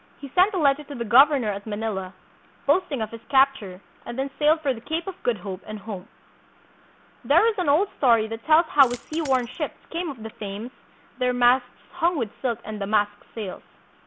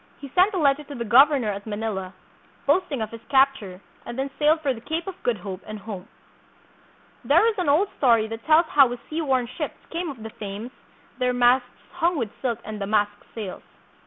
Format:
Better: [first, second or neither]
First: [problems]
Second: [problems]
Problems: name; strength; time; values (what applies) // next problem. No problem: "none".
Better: second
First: background sound (Coin (dropping)); 18 dB below the speech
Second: none